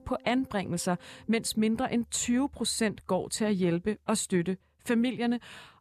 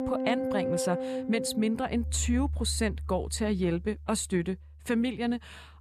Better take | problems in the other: first | background music; loud; throughout; 4 dB below the speech; faint in the first

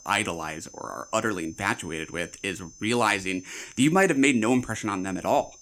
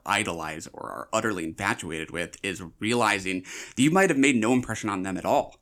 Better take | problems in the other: second | high-pitched whine; faint; throughout; 6 kHz, 20 dB below the speech

